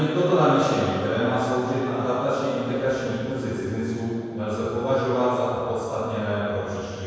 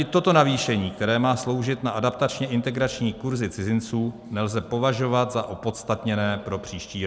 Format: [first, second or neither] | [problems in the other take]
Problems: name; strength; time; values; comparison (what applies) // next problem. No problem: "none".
second | room echo; dies away in 2.2 s